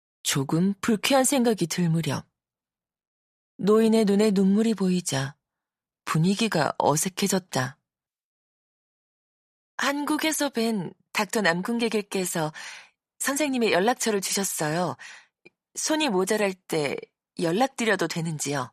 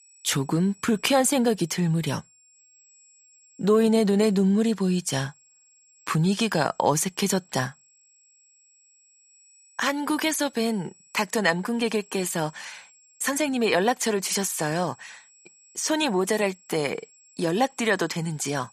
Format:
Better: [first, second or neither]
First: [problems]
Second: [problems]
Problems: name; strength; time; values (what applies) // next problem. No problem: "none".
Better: first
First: none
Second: high-pitched whine; faint; throughout; 7.5 kHz, 30 dB below the speech